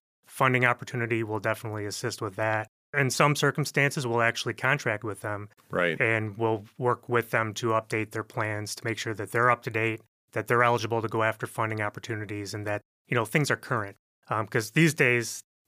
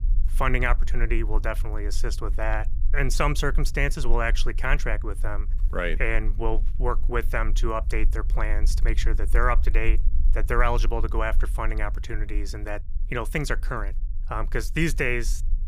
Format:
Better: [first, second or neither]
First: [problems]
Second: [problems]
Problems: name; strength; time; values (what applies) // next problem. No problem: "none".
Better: first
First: none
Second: low rumble; faint; throughout; 25 dB below the speech